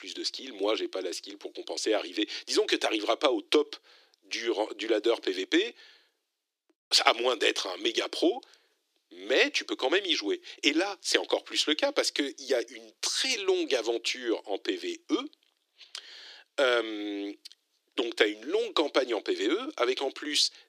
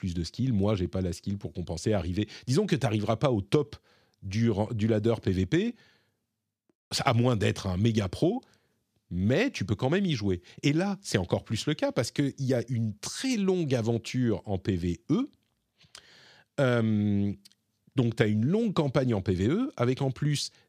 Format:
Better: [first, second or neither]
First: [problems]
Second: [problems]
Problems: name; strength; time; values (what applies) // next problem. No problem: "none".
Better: second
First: thin; very; fading below 300 Hz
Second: none